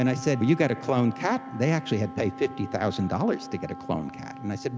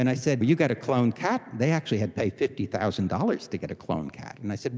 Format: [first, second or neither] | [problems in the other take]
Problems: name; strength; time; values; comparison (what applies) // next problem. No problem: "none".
second | background sound (Wind instrument, woodwind instrument); 14 dB below the speech